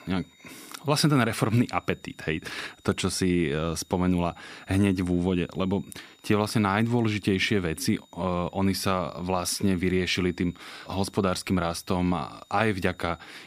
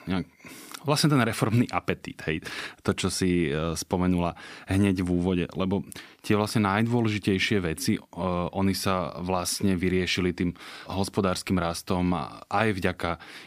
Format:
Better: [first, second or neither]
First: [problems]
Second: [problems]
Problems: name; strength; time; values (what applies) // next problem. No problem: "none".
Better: second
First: high-pitched whine; faint; throughout; 3.5 kHz, 30 dB below the speech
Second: none